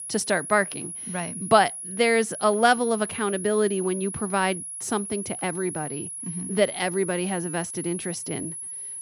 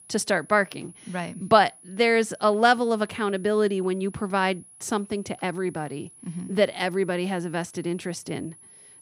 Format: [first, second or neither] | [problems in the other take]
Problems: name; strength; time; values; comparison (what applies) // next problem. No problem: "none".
second | high-pitched whine; loud; throughout; 10.5 kHz, 7 dB below the speech; faint in the second